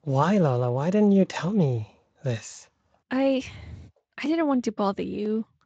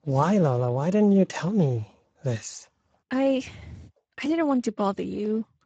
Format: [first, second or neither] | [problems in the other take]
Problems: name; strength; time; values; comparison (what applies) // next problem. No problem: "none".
first | garbled, watery; badly; nothing above 7.5 kHz; slightly in the first